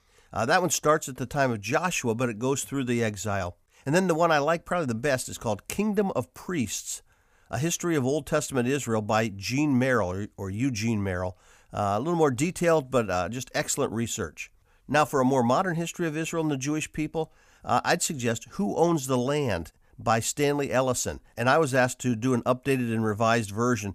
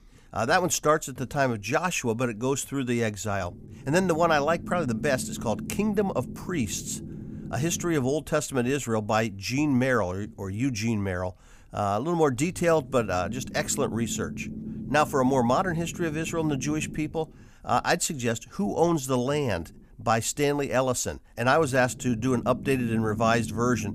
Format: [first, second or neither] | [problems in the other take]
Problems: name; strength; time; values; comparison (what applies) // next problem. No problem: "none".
first | low rumble; noticeable; throughout; 20 dB below the speech